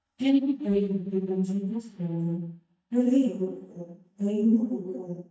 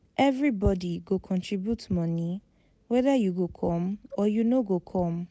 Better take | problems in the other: second | noise reduction (neural mask model DeepFilterNet 3)

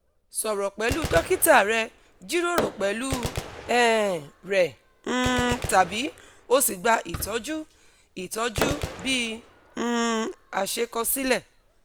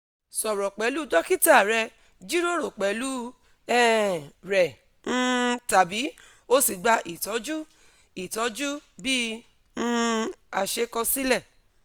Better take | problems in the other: second | background sound (Gunshot, gunfire + Fireworks); 10 dB below the speech

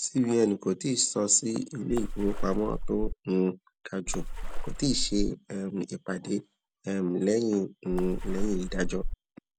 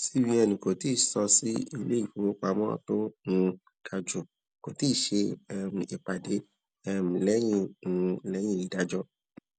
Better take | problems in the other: second | background sound (Water / Splash, splatter); 1 dB below the speech

